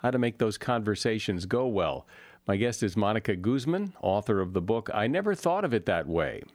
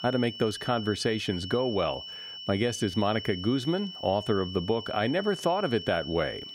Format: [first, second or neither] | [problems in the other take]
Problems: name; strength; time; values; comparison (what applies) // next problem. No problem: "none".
first | high-pitched whine; loud; throughout; 3 kHz, 10 dB below the speech